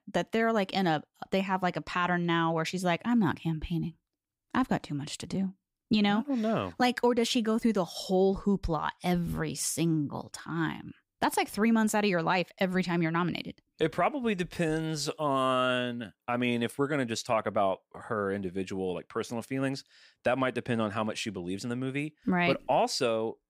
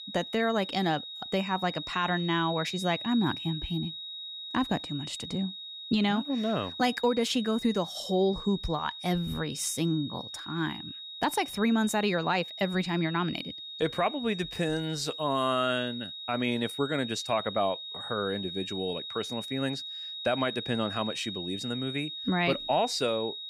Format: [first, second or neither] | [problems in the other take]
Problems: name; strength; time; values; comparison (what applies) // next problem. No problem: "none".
first | high-pitched whine; loud; throughout; 4 kHz, 8 dB below the speech